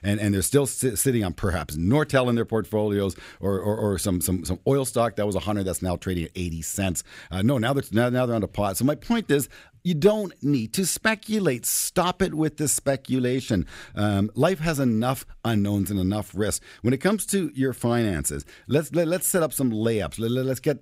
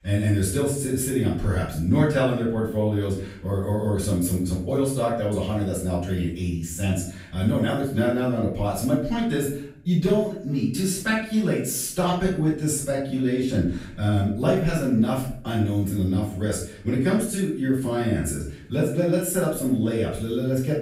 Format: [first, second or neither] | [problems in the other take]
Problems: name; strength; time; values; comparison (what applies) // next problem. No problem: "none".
first | off-mic speech; far // room echo; noticeable; dies away in 0.5 s